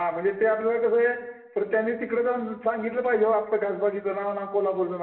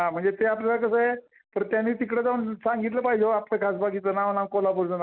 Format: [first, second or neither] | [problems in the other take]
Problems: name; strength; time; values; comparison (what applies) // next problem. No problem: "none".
second | room echo; dies away in 0.8 s